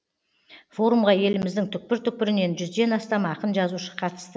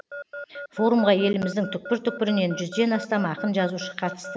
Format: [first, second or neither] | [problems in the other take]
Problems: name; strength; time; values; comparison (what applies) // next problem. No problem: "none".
first | background sound (Alarm / Keyboard (musical)); 13 dB below the speech